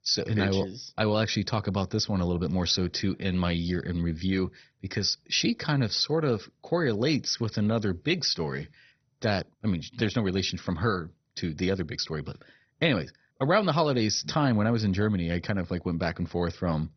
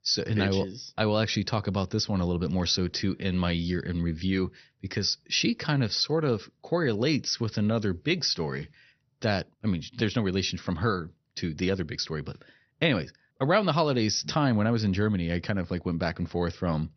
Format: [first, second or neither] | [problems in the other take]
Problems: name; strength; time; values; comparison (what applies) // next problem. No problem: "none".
second | garbled, watery; badly; nothing above 6 kHz; slightly in the second